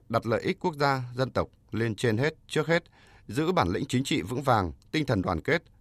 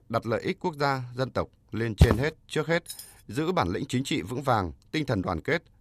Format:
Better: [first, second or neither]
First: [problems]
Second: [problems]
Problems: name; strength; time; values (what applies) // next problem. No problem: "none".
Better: first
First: none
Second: footsteps; loud; at 2 s; peak 5 dB above the speech // jangling keys; faint; at 3 s; peak 10 dB below the speech